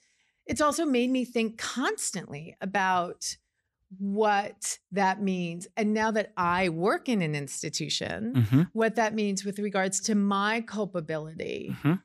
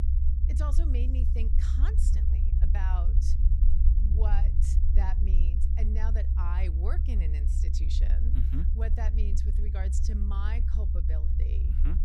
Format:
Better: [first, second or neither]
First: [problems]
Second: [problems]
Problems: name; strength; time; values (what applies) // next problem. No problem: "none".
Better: first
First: none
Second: low rumble; loud; throughout; 3 dB below the speech